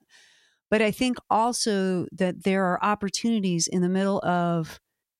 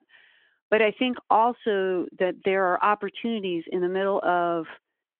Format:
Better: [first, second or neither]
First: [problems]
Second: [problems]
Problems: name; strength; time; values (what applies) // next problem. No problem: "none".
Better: first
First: none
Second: phone-call audio